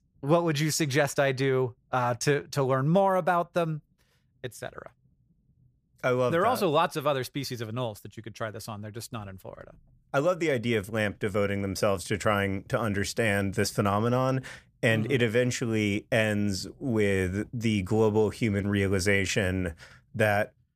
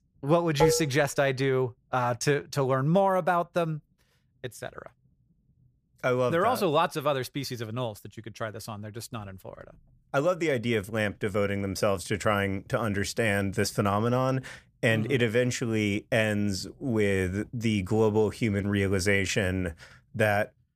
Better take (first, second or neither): first